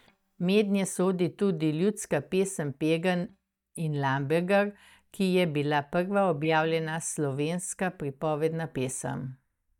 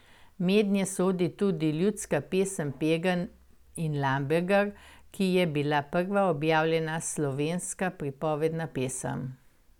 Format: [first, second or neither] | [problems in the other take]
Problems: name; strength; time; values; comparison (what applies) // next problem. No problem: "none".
second | noise reduction (neural mask model DeepFilterNet 3)